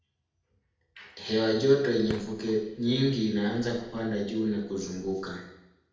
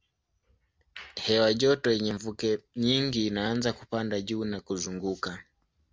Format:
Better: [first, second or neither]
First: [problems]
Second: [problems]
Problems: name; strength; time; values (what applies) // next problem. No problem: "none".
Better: second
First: background sound (Fireworks); 19 dB below the speech // room echo; dies away in 0.8 s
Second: none